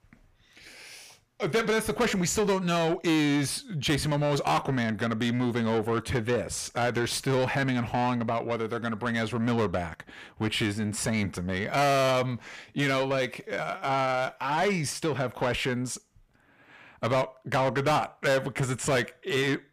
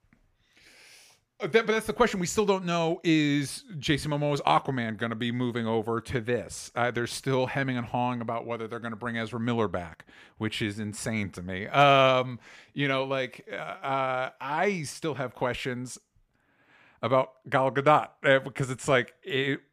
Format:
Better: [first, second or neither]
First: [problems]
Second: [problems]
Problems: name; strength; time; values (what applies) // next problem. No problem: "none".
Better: second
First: distortion; heavy; 6 dB below the speech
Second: none